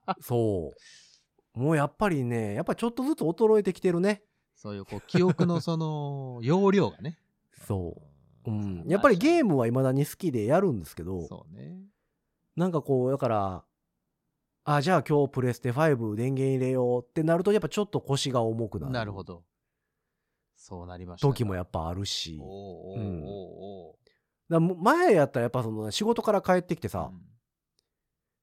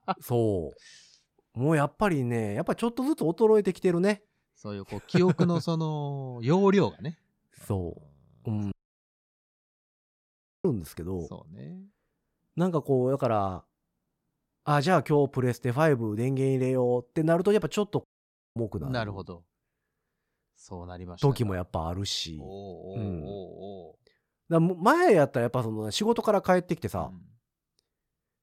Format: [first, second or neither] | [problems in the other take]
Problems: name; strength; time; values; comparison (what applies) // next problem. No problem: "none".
first | audio cutting out; at 8.5 s for 2 s and at 18 s for 0.5 s